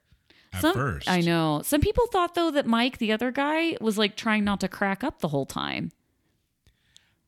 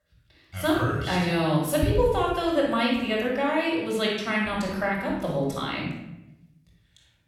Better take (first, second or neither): first